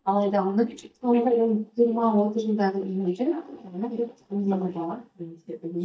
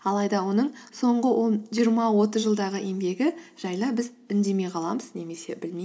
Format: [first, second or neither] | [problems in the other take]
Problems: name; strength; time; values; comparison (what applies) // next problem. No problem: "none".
second | noise reduction (neural mask model DeepFilterNet 3)